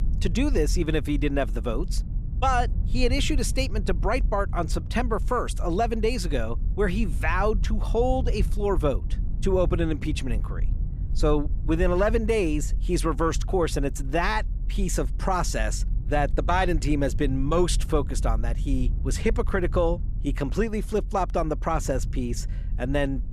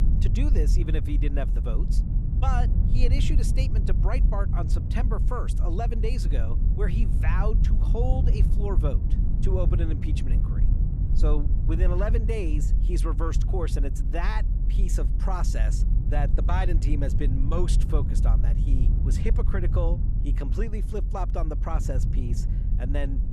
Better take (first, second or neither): first